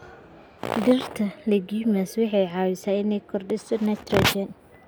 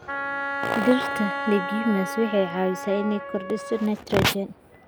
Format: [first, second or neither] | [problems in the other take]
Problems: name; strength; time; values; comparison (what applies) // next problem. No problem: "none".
first | background sound (Wind instrument, woodwind instrument); 6 dB below the speech